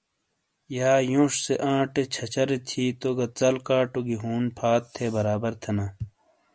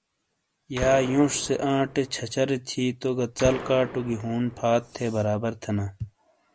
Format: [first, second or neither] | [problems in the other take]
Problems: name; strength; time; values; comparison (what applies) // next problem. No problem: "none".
first | background sound (Gunshot, gunfire); 11 dB below the speech